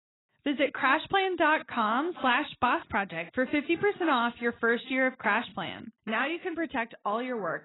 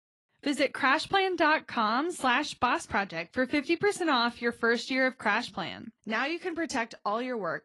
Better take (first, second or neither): second